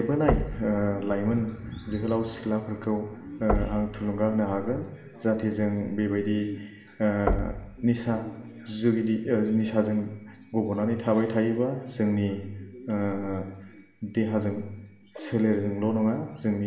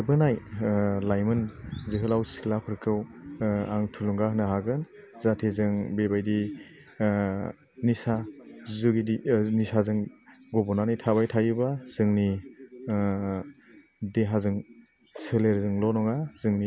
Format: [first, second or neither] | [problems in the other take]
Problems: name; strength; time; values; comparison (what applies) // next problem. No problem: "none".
second | background sound (Knock); 7 dB below the speech // room echo; dies away in 0.9 s